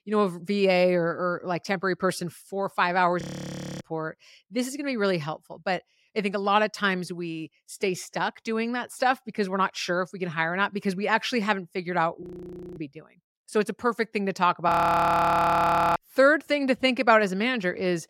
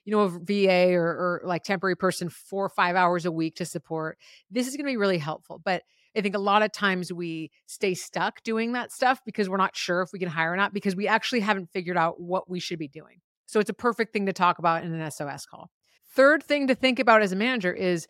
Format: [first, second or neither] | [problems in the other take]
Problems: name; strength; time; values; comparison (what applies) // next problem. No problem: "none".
second | audio freezing; at 3 s for 0.5 s, at 12 s for 0.5 s and at 15 s for 1.5 s